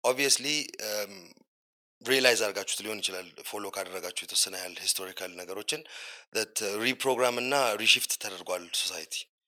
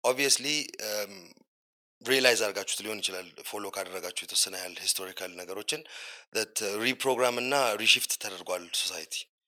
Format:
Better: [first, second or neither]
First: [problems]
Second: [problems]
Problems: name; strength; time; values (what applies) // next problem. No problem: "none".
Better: neither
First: thin; somewhat; fading below 500 Hz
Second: thin; somewhat; fading below 500 Hz